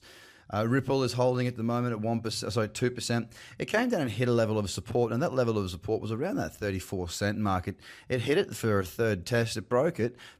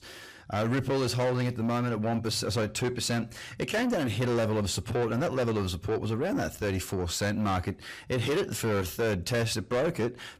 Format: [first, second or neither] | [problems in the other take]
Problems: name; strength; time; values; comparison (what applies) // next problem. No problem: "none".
first | distortion; heavy; 8 dB below the speech